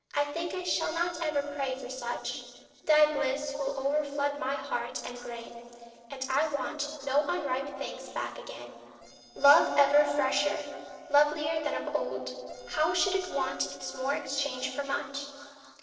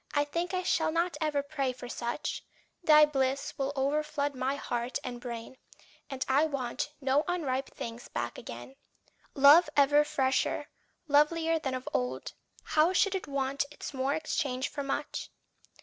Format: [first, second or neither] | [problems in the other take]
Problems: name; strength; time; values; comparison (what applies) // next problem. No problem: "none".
second | noise reduction (neural separator model SepFormer DNS4)